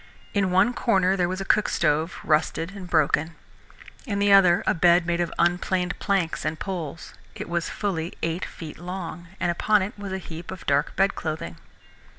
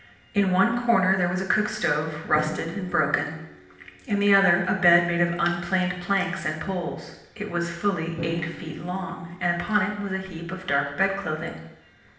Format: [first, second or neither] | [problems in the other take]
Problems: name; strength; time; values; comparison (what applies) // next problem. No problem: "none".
first | background sound (Drum); 18 dB below the speech // room echo; dies away in 0.8 s